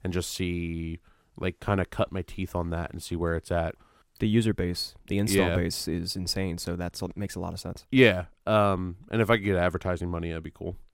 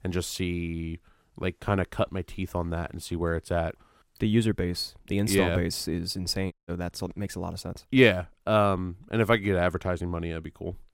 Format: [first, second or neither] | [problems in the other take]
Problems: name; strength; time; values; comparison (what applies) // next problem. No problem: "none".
first | audio cutting out; at 6.5 s